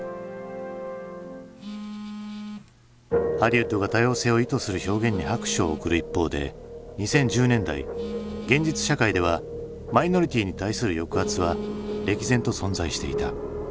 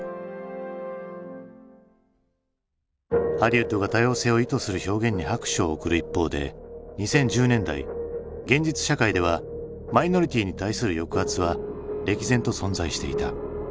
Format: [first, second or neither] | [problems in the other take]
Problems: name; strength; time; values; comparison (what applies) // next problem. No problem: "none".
second | background sound (Telephone); 15 dB below the speech